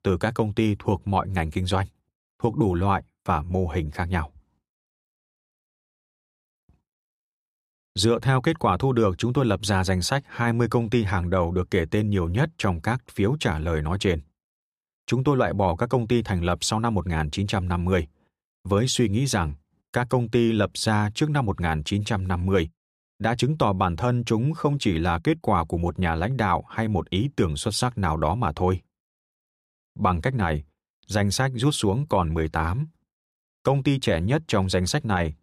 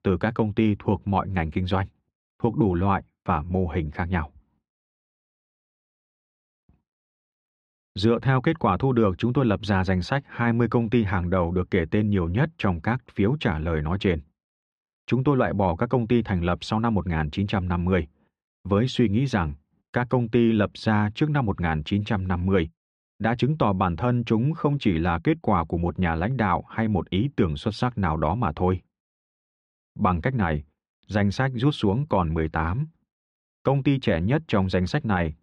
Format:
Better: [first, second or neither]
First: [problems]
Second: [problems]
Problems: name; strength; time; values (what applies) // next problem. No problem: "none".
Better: first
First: none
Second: muffled; slightly; fading above 2.5 kHz